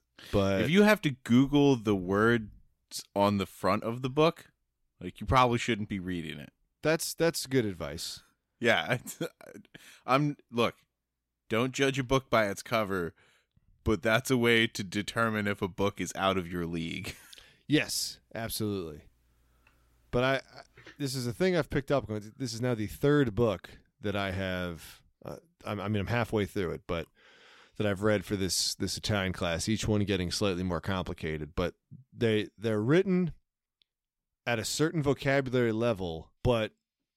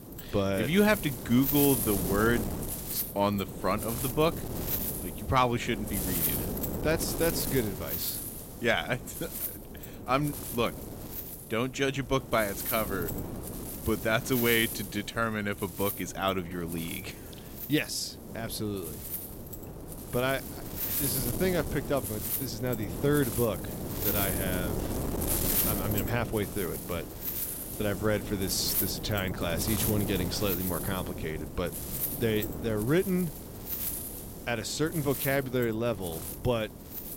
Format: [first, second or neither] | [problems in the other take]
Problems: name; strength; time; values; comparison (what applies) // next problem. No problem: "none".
first | wind noise on the microphone; heavy; 8 dB below the speech